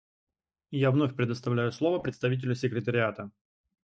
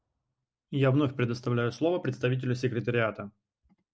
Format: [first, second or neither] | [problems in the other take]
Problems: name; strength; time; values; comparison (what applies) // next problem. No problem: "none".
second | noise reduction (neural mask model DeepFilterNet 3)